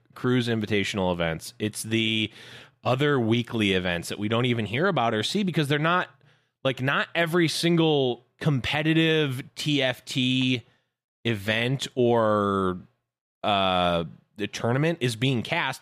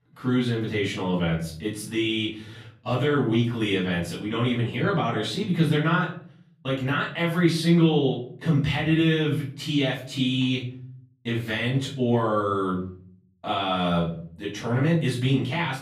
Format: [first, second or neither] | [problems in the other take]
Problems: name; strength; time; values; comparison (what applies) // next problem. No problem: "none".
first | off-mic speech; far // room echo; slight; dies away in 0.6 s